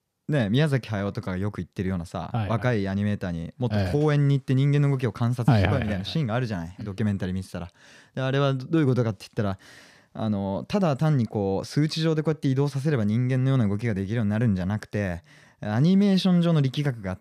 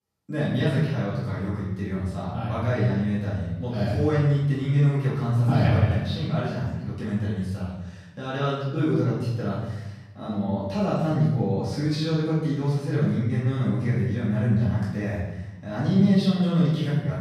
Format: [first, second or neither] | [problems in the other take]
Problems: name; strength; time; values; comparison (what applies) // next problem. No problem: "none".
first | room echo; strong; dies away in 1 s // off-mic speech; far